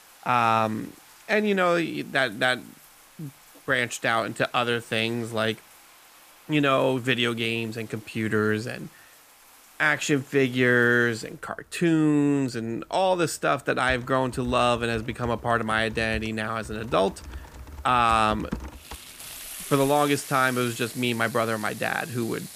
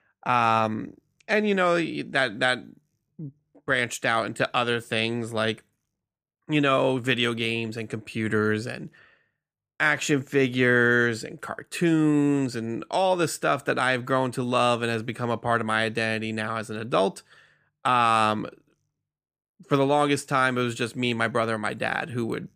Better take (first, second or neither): second